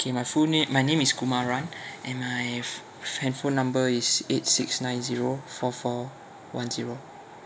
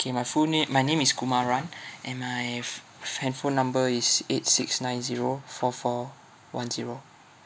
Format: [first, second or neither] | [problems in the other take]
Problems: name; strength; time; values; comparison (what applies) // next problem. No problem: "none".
second | background sound (Wind); 20 dB below the speech // room echo; dies away in 0.6 s